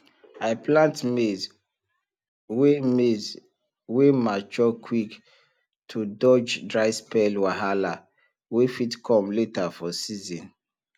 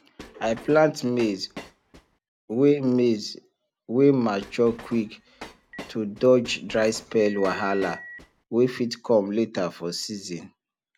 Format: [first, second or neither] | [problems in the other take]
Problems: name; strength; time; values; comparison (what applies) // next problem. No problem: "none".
first | background sound (Telephone + Train); 18 dB below the speech